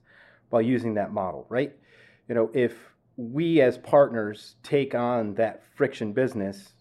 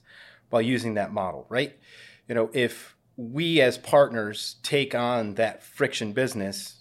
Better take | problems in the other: second | muffled; slightly; fading above 2.5 kHz

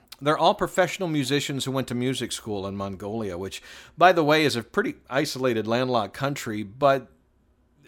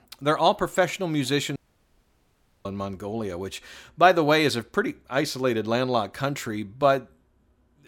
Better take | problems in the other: first | audio cutting out; at 1.5 s for 1 s

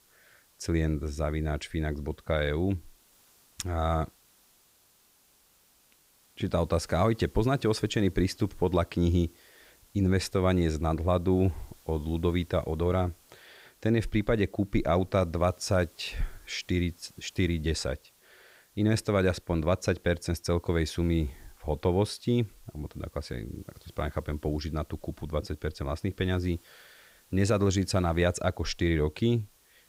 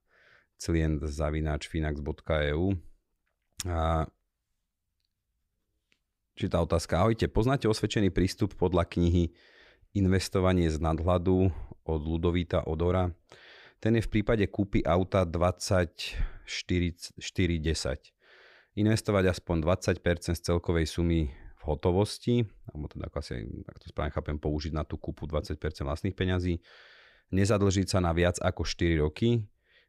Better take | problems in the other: second | hiss; faint; throughout; 30 dB below the speech

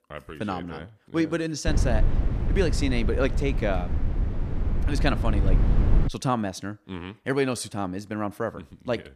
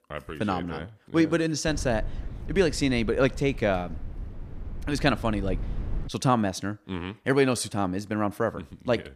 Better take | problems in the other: second | low rumble; loud; from 1.5 to 6 s; 9 dB below the speech; faint in the second

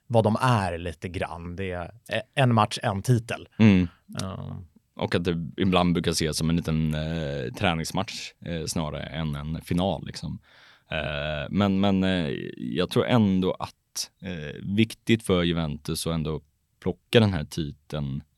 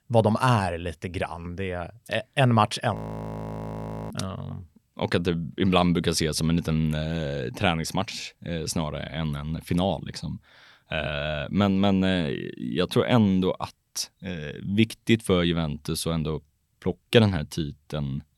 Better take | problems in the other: first | audio freezing; at 3 s for 1 s

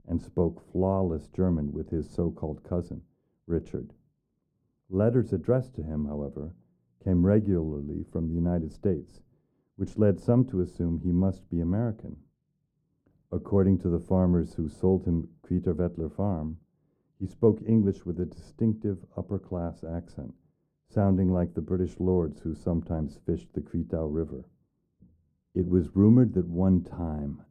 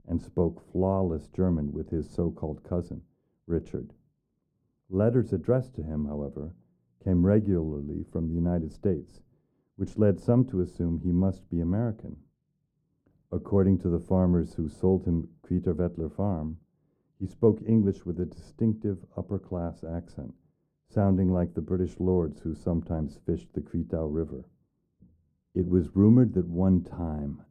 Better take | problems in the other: neither | muffled; very; fading above 1 kHz; the same in both

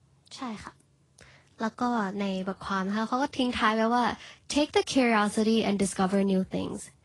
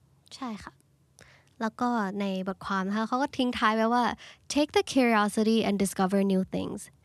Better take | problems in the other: second | garbled, watery; slightly; nothing above 10.5 kHz

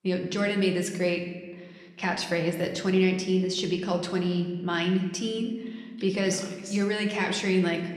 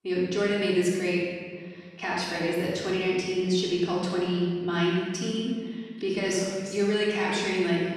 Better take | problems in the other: first | room echo; strong; dies away in 1.6 s; slight in the first // off-mic speech; far

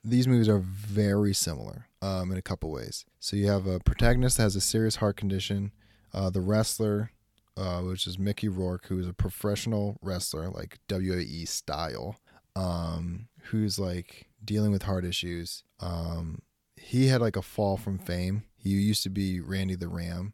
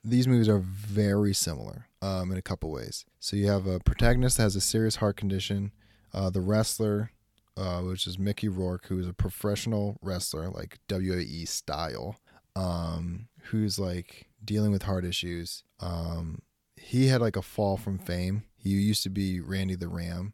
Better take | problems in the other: neither | none

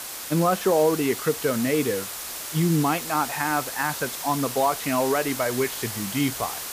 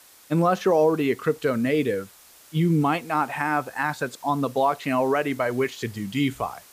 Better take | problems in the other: second | hiss; loud; throughout; 6 dB below the speech; faint in the second

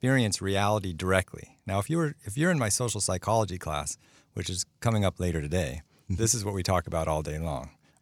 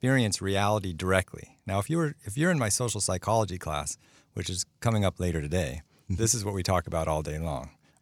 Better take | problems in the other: neither | none

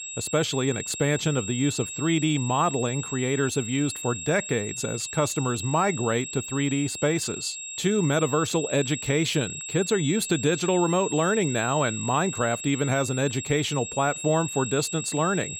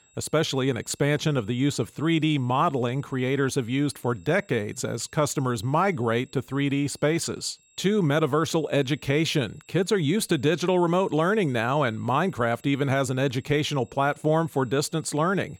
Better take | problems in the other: second | high-pitched whine; loud; throughout; 7.5 kHz, 7 dB below the speech; faint in the second

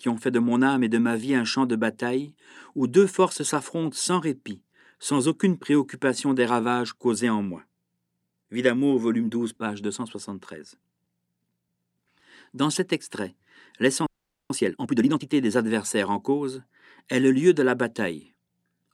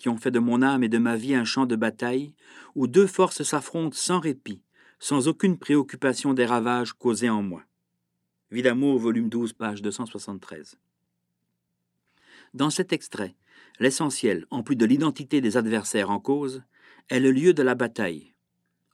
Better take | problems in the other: second | audio freezing; at 14 s

